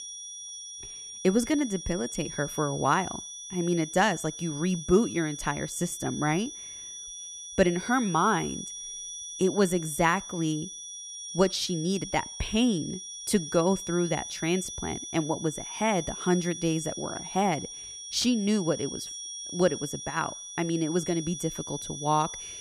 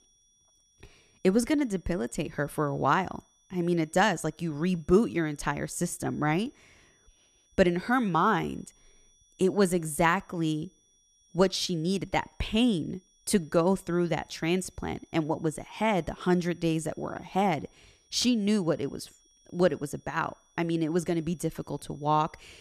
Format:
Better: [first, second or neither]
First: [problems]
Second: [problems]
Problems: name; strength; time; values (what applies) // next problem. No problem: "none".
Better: second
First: high-pitched whine; loud; throughout; 6 kHz, 9 dB below the speech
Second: high-pitched whine; faint; throughout; 6 kHz, 35 dB below the speech